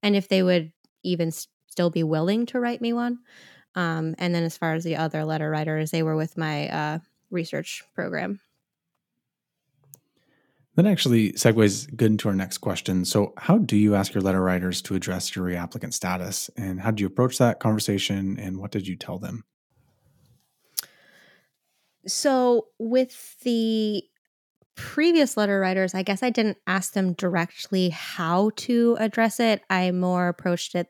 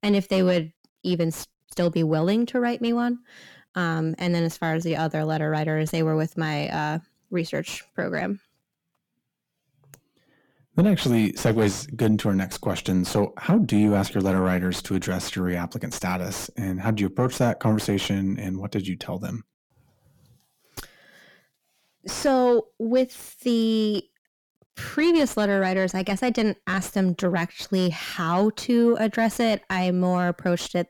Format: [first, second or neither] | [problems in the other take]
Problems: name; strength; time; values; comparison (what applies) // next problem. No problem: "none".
first | distortion; slight; 10 dB below the speech